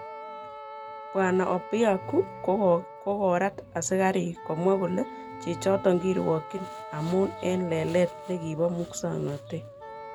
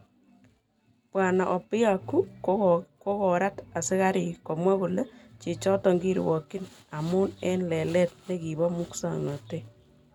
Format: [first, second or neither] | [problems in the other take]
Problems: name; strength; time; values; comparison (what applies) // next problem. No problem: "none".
second | background sound (Musical instrument + Wind instrument, woodwind instrument); 14 dB below the speech